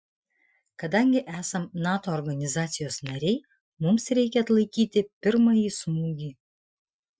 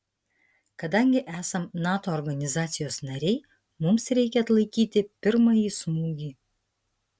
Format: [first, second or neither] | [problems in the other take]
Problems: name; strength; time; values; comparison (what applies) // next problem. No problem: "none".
second | noise reduction (classical method Wiener filter)